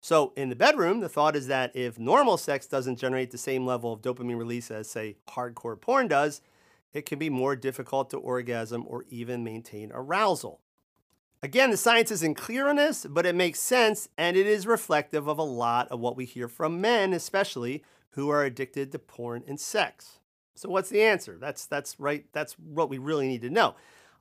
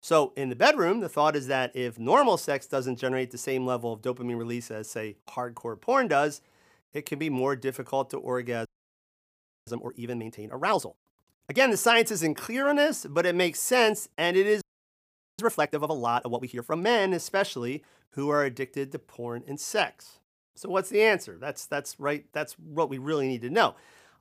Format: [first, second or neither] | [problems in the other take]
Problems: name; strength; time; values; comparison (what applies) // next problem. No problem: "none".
first | audio freezing; at 8.5 s for 1 s and at 15 s for 1 s